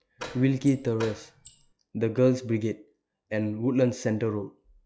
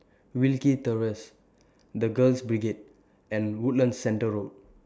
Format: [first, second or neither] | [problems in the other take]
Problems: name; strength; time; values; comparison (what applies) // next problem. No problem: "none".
second | noise reduction (classical method log-MMSE)